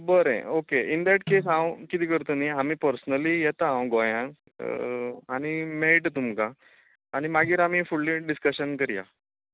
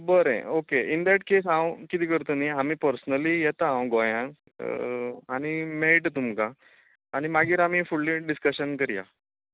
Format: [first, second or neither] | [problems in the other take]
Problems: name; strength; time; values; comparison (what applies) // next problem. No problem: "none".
second | background sound (Snare drum); 16 dB below the speech